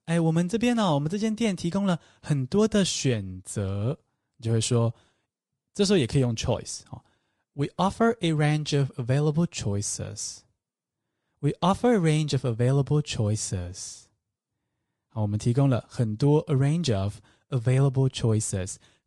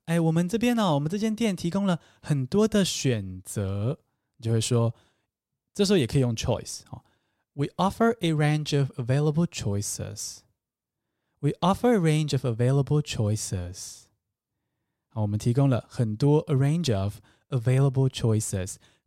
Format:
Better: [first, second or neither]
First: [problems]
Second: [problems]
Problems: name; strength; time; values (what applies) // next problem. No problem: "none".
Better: second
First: garbled, watery; slightly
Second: none